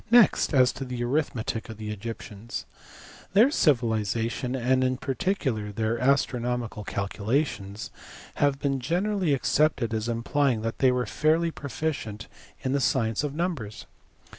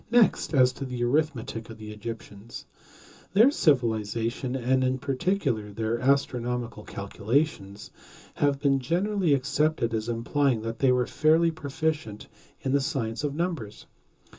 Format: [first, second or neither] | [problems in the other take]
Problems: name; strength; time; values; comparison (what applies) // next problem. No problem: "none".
first | room echo; dies away in 0.2 s